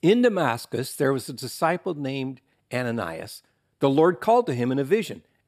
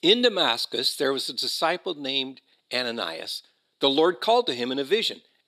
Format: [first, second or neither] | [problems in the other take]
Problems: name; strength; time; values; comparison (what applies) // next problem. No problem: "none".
first | thin; very slightly; fading below 350 Hz